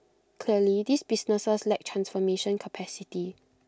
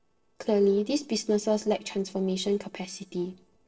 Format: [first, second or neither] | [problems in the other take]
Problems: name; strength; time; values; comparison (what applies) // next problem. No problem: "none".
first | noise reduction (neural separator model SepFormer DNS4)